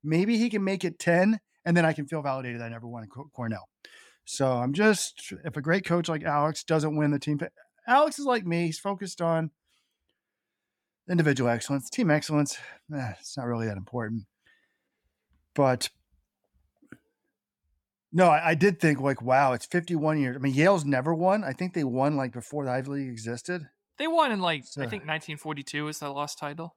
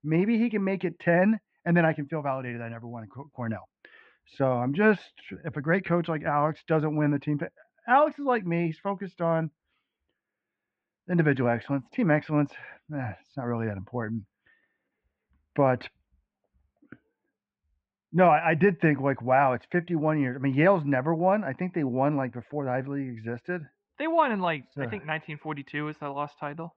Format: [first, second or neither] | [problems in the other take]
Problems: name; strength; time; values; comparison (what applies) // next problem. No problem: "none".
first | muffled; very; fading above 2.5 kHz